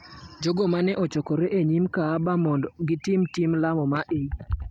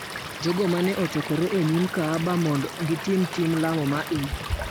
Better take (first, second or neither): first